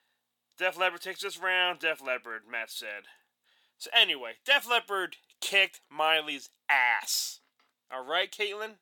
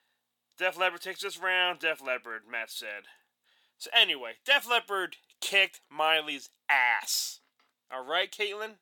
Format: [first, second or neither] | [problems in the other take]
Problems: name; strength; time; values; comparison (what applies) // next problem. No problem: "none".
neither | thin; very; fading below 550 Hz; the same in both